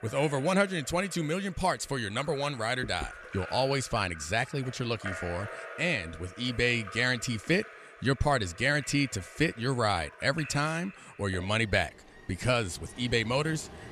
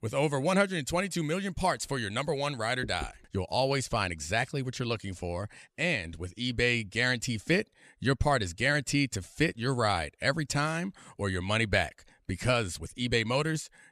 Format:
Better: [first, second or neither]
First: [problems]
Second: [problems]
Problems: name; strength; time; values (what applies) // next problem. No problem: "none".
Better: second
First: rain or running water; noticeable; throughout; 15 dB below the speech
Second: none